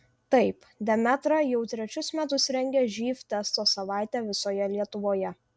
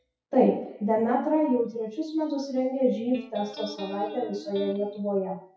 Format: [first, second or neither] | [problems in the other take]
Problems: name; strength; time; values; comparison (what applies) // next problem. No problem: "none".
first | noise reduction (classical method WPE with log-MMSE)